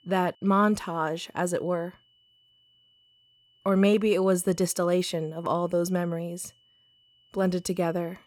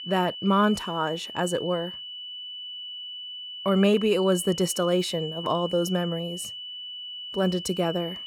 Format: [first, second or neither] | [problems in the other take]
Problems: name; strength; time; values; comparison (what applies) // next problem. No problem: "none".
first | high-pitched whine; loud; throughout; 3 kHz, 10 dB below the speech; faint in the first